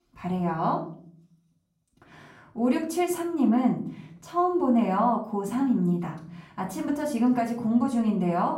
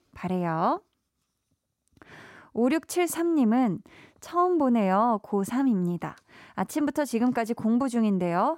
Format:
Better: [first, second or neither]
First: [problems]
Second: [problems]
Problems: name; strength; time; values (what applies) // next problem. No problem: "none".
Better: second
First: room echo; slight; dies away in 0.8 s // off-mic speech; far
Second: none